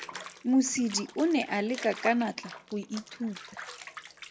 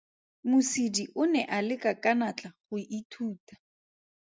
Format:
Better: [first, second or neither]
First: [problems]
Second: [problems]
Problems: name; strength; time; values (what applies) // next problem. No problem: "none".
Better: second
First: background sound (Bathtub (filling or washing) / Water); 14 dB below the speech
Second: none